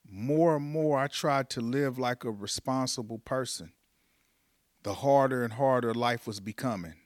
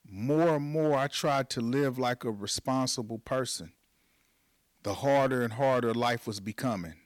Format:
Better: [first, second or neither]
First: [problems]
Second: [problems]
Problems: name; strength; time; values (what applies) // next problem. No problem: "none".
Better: first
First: none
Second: distortion; slight; 3% of the sound clipped